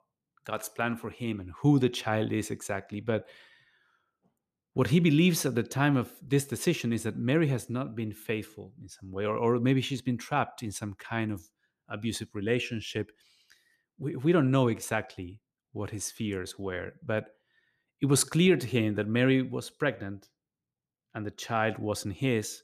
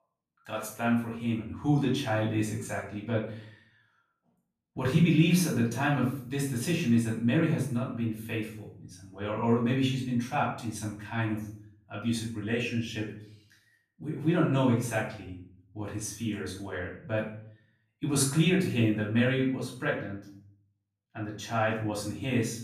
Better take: first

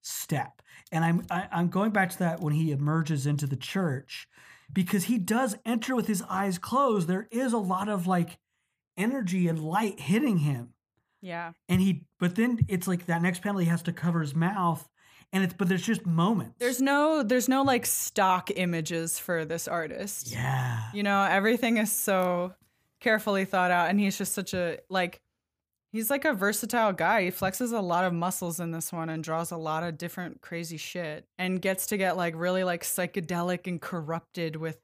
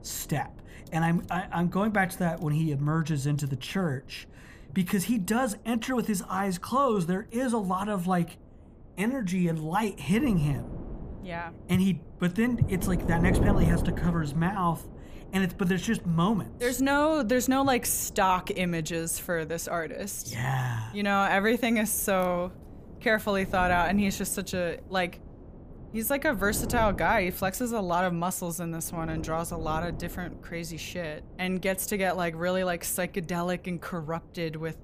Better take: first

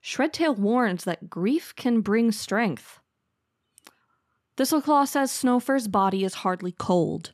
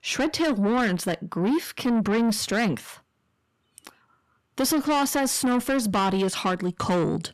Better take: first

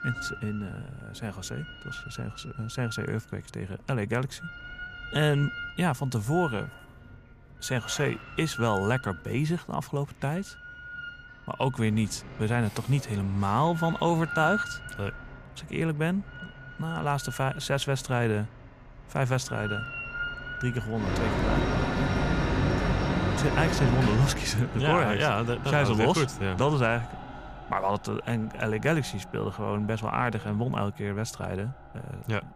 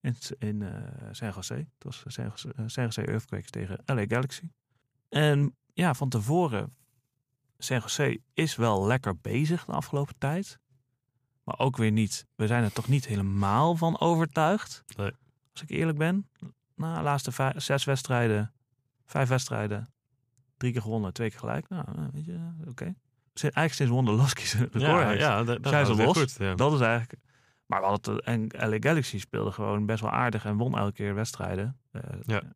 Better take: second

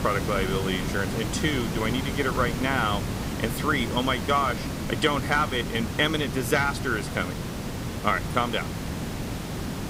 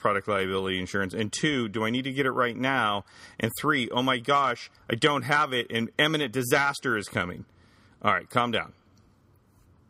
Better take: second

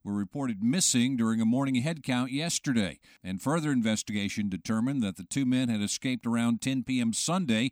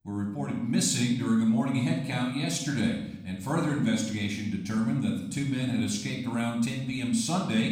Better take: first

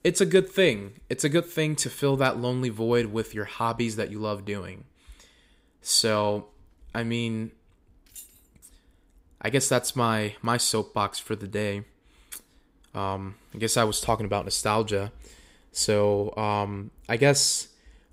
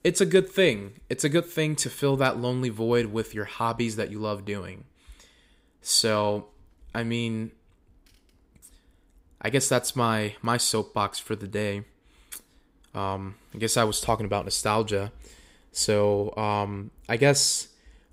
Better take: second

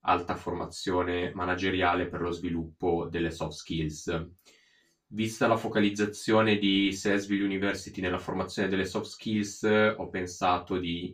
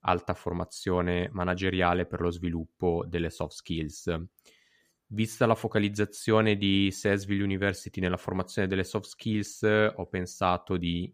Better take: second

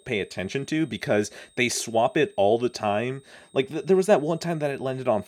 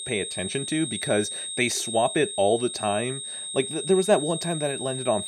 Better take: first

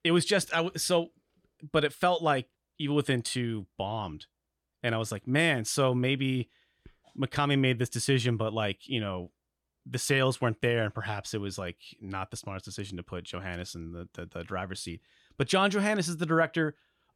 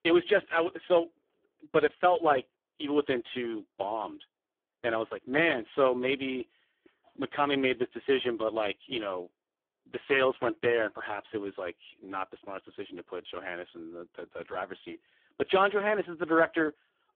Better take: first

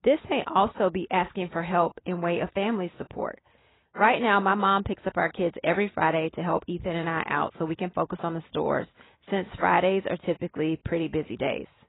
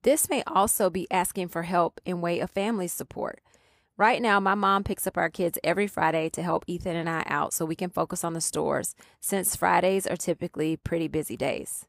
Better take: second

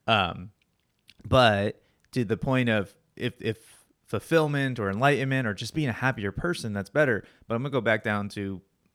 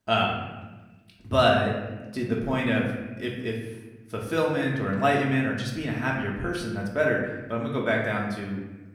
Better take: first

